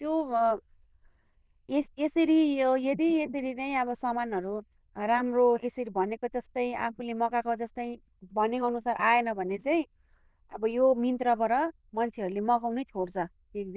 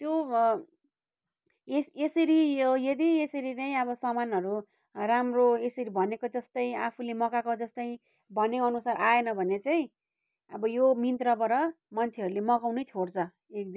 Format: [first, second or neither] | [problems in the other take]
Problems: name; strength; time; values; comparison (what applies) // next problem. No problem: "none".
second | noise reduction (neural diffusion model UNIVERSE++)